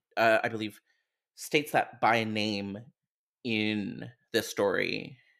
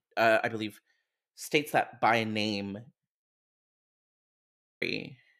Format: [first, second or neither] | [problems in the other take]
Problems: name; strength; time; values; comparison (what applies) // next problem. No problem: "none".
first | audio cutting out; at 3 s for 1.5 s